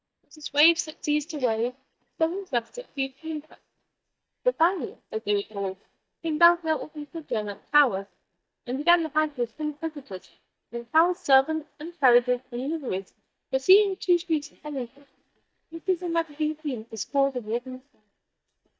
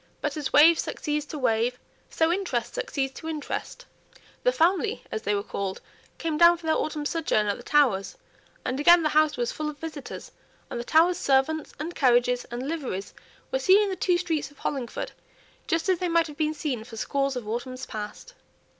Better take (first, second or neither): second